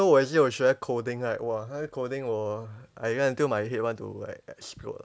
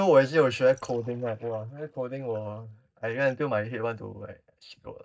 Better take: first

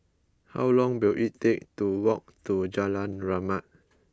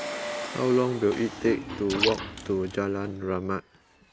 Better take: first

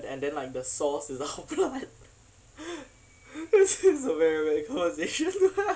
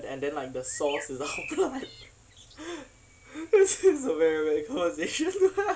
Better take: first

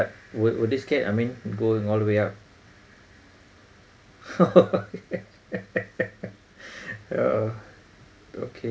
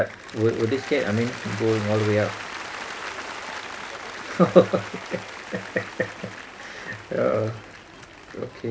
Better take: first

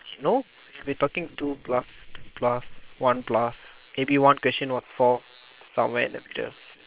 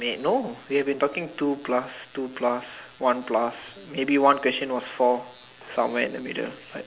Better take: second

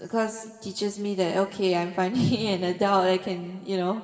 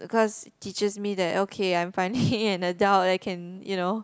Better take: second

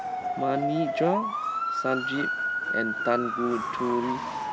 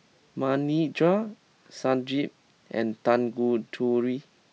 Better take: second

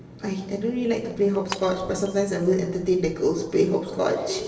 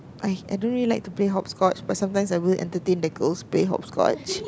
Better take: second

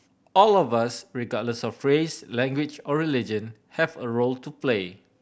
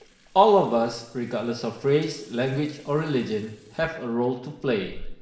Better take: first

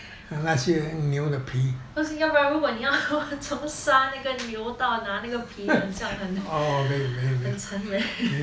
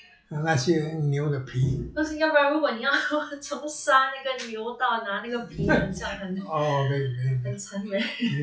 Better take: first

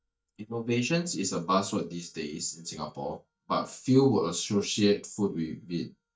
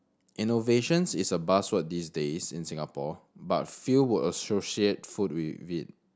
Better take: second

